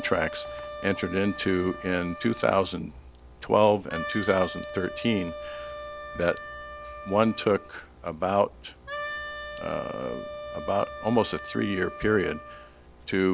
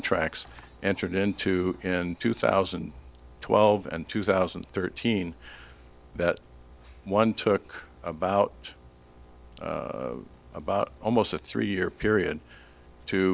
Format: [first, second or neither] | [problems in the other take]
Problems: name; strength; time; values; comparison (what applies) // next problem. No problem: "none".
second | background sound (Wind instrument, woodwind instrument); 12 dB below the speech